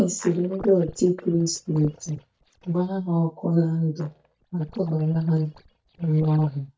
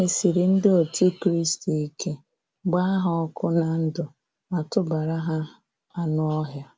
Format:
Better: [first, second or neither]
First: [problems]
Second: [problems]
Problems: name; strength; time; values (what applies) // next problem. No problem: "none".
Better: second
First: noise reduction (neural mask model DeepFilterNet 3)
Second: none